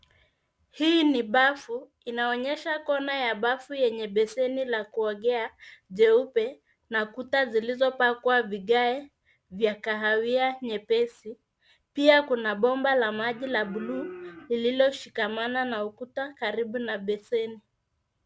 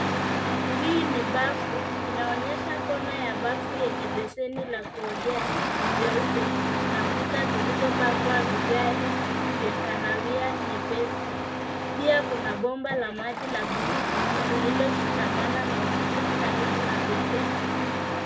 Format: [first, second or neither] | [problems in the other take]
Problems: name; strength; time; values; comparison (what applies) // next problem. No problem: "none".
first | background sound (Engine starting); 4 dB above the speech // room echo; dies away in 0.2 s